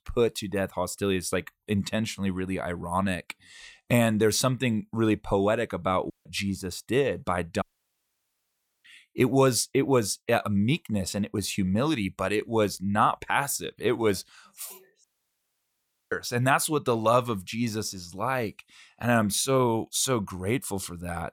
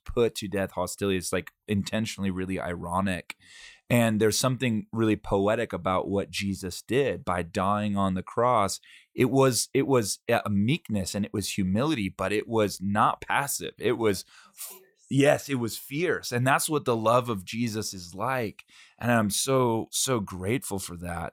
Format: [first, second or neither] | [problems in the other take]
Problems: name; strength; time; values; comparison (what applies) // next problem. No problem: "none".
second | audio cutting out; at 6 s, at 7.5 s for 1 s and at 15 s for 1 s